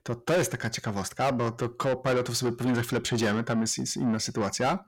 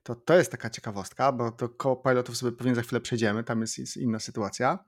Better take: second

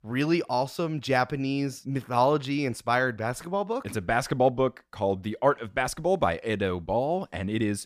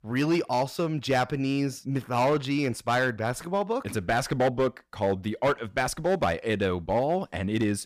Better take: first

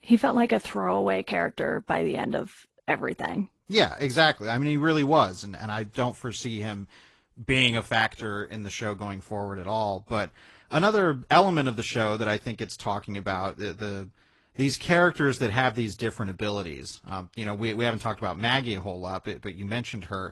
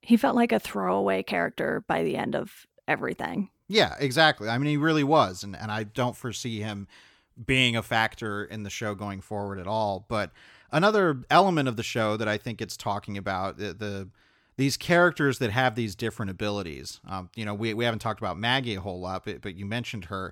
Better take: second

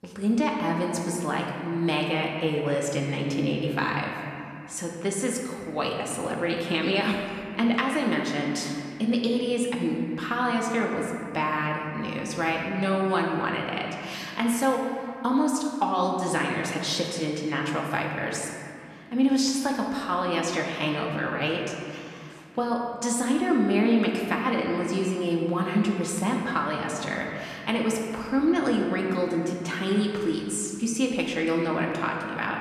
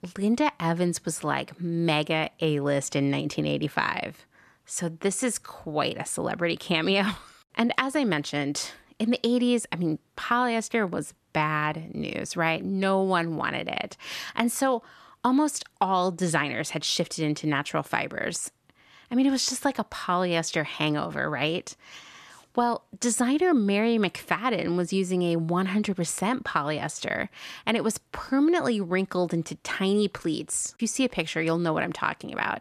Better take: second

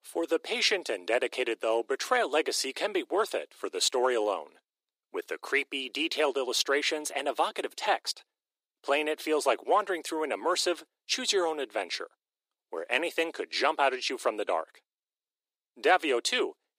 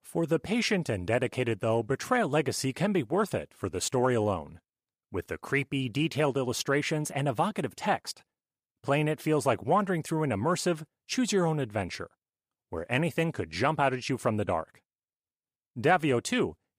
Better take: second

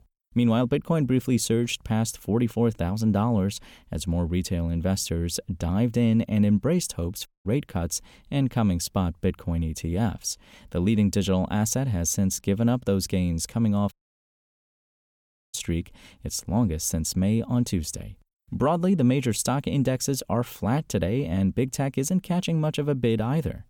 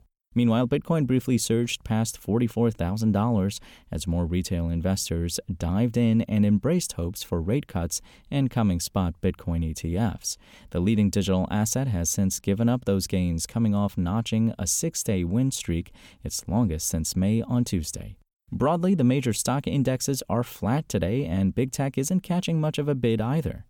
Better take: second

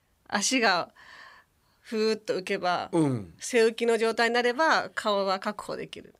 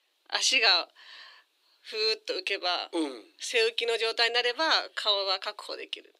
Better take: first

